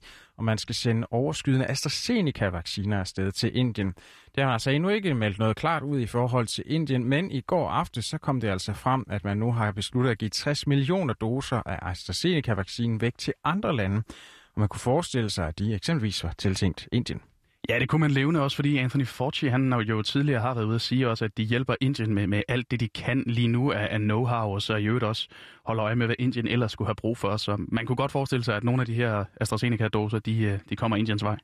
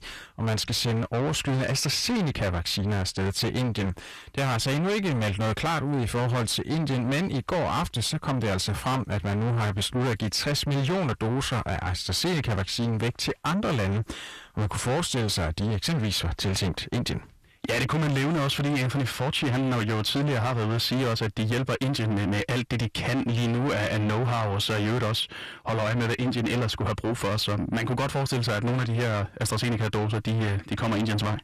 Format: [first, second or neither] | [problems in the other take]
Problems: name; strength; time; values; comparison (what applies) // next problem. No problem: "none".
first | distortion; heavy; 6 dB below the speech